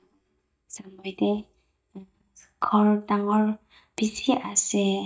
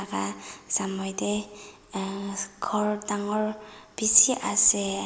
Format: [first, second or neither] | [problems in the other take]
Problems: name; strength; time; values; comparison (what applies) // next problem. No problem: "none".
second | noise reduction (neural mask model DeepFilterNet 3)